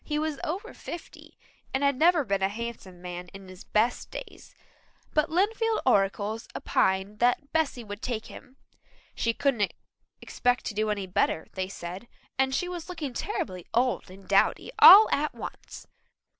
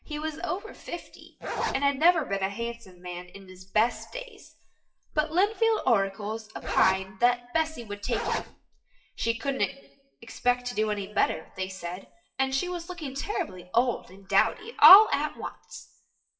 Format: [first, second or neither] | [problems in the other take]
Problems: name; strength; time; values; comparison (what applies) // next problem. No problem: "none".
first | noise reduction (classical method WPE with log-MMSE)